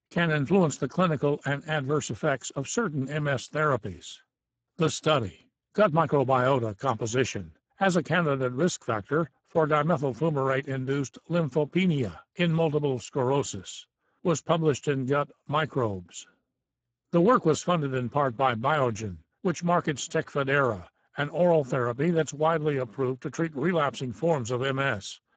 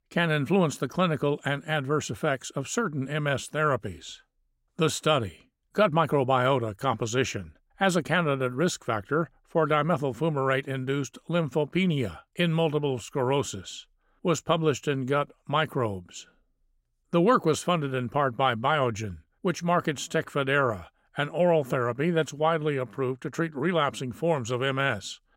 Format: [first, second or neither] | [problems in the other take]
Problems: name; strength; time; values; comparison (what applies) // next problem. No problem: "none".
second | garbled, watery; badly; nothing above 7.5 kHz